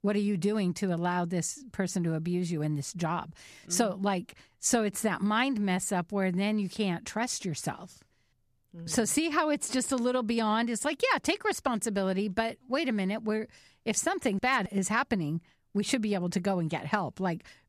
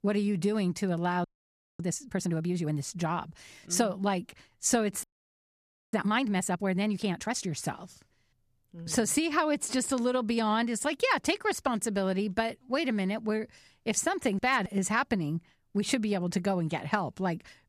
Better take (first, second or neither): first